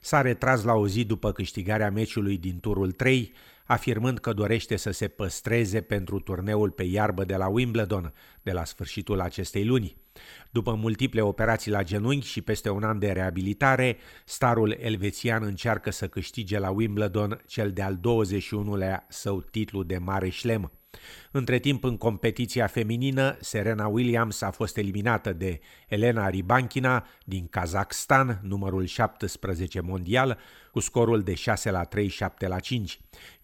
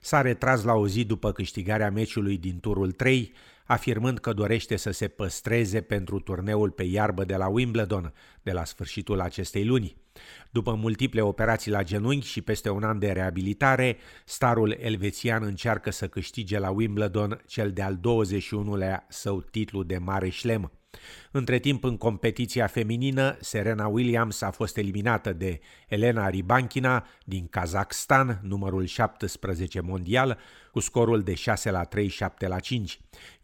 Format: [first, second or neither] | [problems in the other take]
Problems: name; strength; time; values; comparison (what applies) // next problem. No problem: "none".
second | high-pitched whine; faint; throughout; 12 kHz, 35 dB below the speech